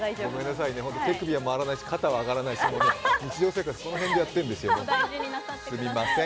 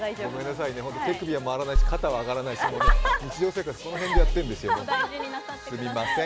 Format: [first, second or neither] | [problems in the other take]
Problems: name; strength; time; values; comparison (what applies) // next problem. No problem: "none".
first | background sound (Bass drum); 3 dB above the speech